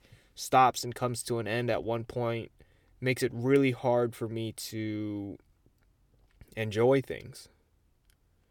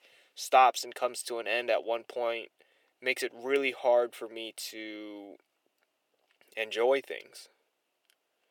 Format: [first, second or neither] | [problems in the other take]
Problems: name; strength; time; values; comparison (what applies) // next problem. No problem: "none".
first | thin; very; fading below 400 Hz